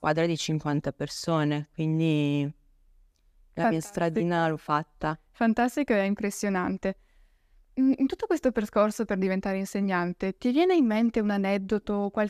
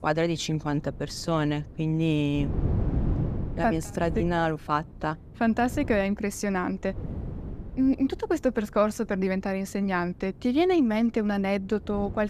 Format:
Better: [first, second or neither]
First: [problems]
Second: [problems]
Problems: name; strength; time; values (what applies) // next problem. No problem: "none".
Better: first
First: none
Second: wind noise on the microphone; occasional gusts; 15 dB below the speech